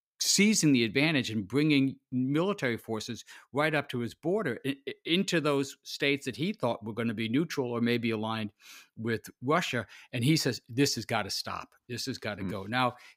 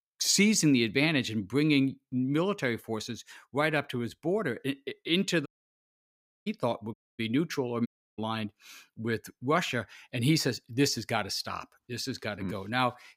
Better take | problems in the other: first | audio cutting out; at 5.5 s for 1 s, at 7 s and at 8 s

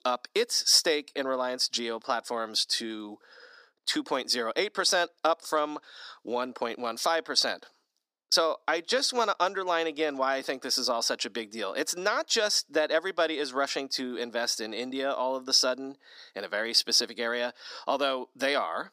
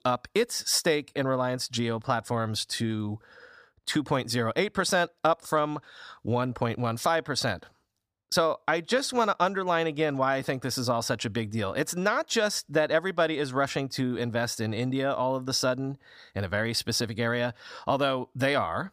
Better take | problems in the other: second | thin; somewhat; fading below 300 Hz

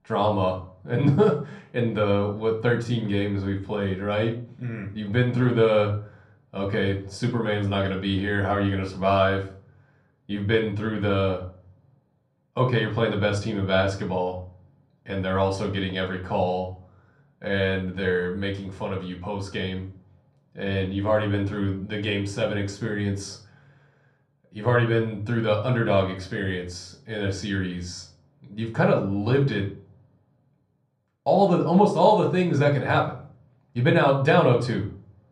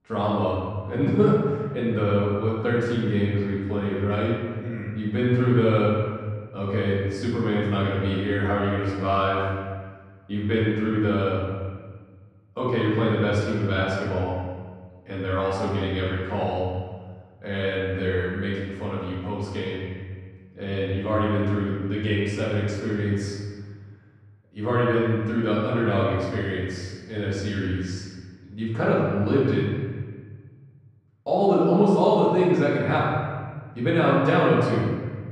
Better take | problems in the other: first | room echo; strong; dies away in 1.6 s; slight in the first // off-mic speech; far; somewhat distant in the first

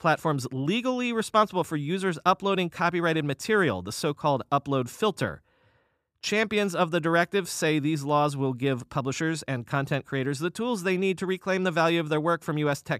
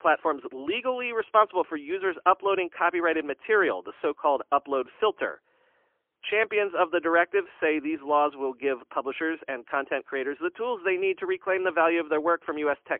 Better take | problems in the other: first | phone-call audio; poor line; nothing above 3 kHz

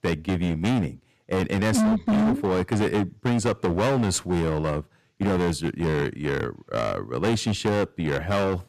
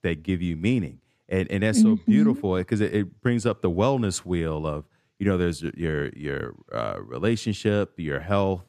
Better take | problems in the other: second | distortion; heavy; 19% of the sound clipped

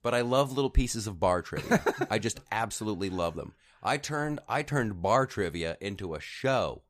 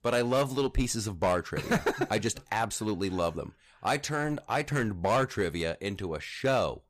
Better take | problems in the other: first | distortion; slight; 4% of the sound clipped

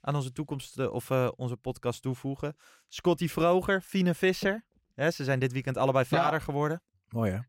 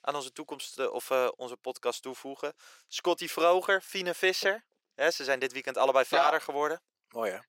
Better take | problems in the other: first | thin; very; fading below 450 Hz

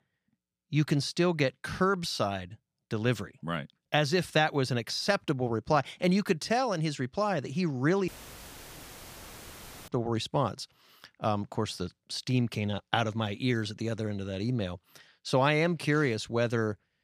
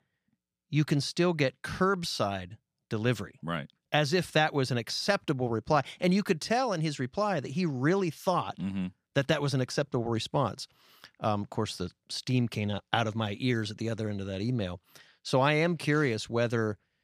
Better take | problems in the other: second | audio cutting out; filled with static; at 8 s for 2 s

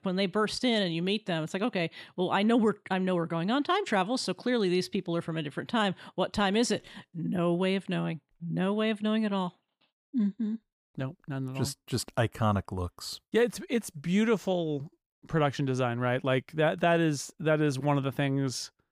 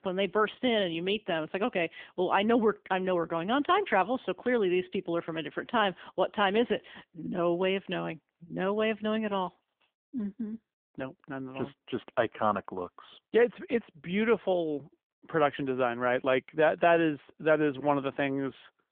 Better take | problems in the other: first | phone-call audio; nothing above 3.5 kHz

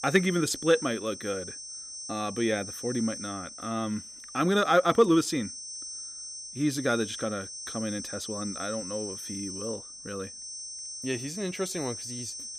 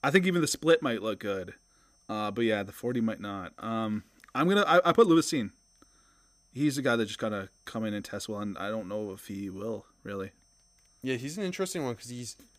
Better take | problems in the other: second | high-pitched whine; loud; throughout; 6 kHz, 8 dB below the speech; faint in the second

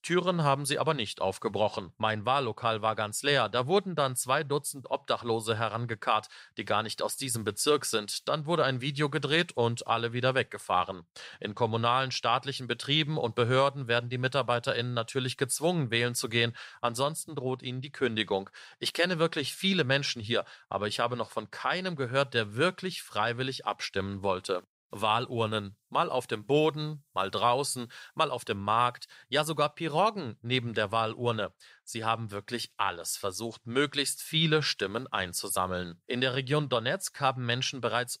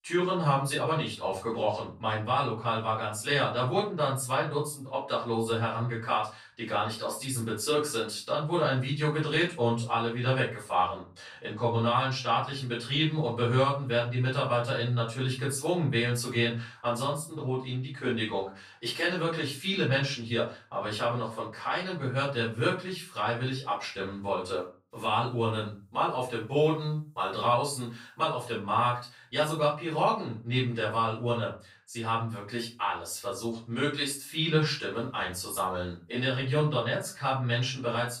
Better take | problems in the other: first | off-mic speech; far // room echo; slight; dies away in 0.3 s

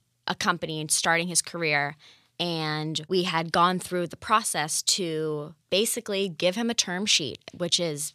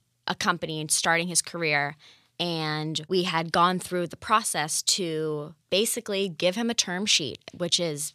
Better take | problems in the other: neither | none

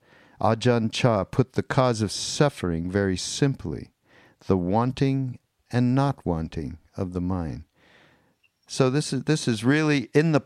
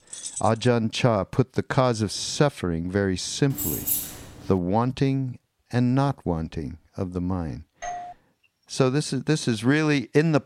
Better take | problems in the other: first | jangling keys; noticeable; at the start; peak 8 dB below the speech // jangling keys; loud; at 3.5 s; peak level with the speech // doorbell; faint; at 8 s; peak 10 dB below the speech

